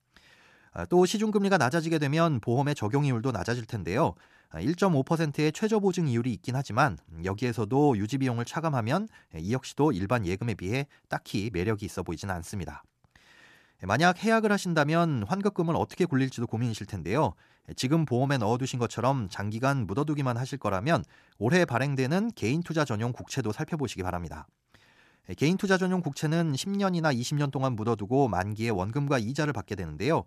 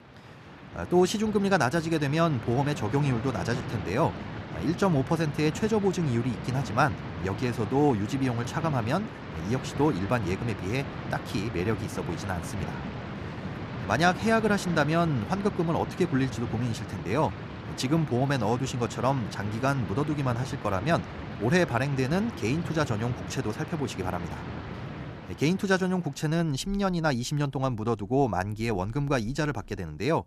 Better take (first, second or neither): first